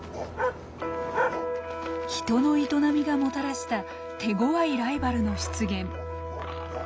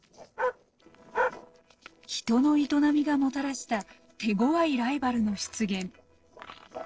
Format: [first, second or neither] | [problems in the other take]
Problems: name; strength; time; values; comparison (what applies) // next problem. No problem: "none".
first | noise reduction (neural separator model SepFormer DNS4)